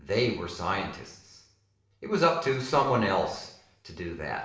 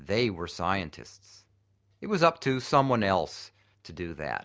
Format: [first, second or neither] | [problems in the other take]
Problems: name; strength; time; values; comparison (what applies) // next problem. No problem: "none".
second | room echo; dies away in 0.7 s